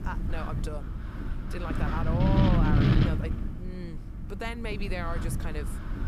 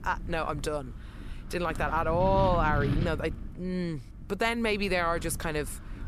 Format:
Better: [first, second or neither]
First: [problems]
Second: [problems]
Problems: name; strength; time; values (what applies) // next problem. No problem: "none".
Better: second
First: wind noise on the microphone; heavy; as loud as the speech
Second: wind noise on the microphone; occasional gusts; 15 dB below the speech